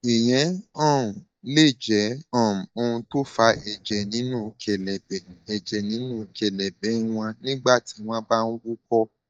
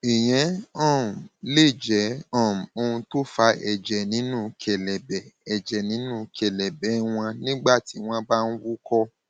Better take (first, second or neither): second